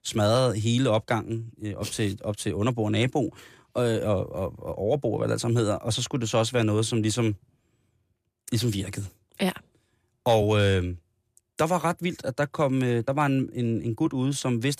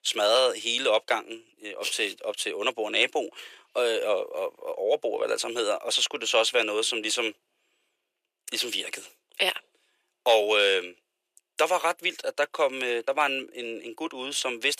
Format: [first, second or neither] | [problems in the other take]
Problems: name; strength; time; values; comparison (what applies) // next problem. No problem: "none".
first | thin; very; fading below 450 Hz